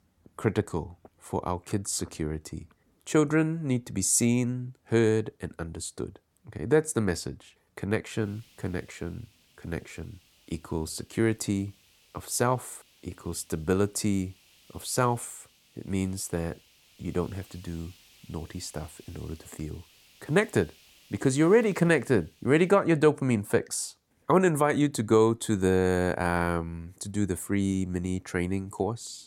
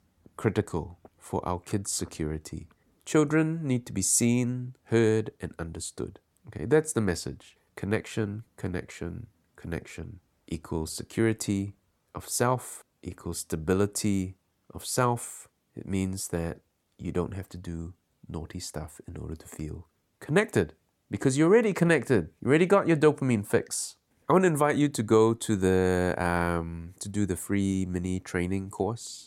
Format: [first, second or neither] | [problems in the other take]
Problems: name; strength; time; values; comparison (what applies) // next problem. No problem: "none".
second | hiss; faint; from 8 to 23 s; 30 dB below the speech